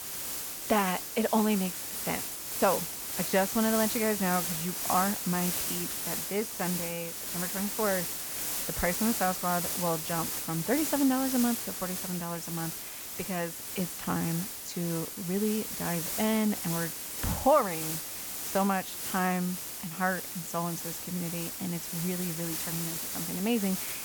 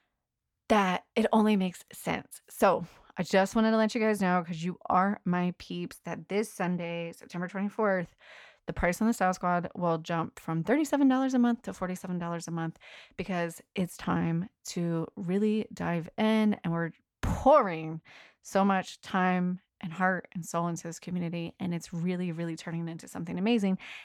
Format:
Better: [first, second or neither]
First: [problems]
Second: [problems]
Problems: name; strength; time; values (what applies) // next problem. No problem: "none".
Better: second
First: hiss; loud; throughout; 2 dB below the speech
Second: none